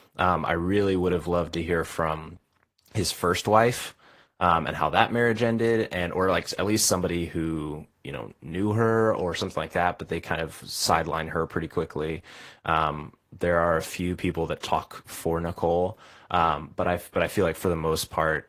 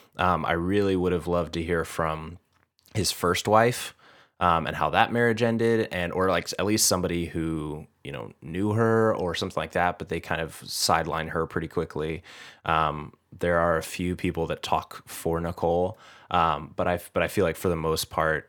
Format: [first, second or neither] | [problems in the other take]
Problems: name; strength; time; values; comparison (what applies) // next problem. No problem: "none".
second | garbled, watery; slightly; nothing above 15 kHz